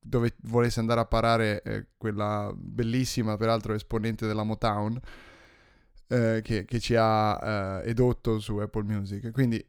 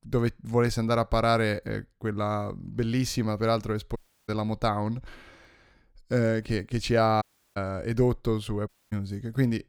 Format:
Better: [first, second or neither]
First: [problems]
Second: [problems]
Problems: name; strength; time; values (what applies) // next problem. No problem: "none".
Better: first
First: none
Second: audio cutting out; at 4 s, at 7 s and at 8.5 s